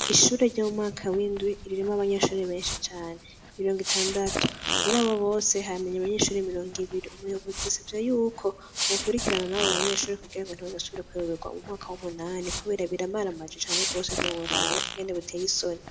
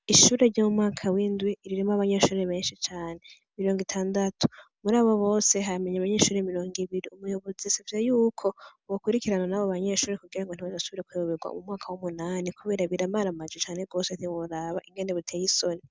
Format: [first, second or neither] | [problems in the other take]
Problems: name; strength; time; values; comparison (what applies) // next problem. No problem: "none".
second | background sound (Fart); 5 dB below the speech // room echo; dies away in 1.2 s